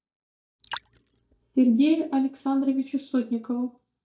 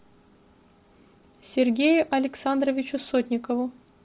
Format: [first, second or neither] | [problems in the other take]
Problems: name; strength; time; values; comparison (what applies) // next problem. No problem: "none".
second | noise reduction (neural mask model DeepFilterNet 3)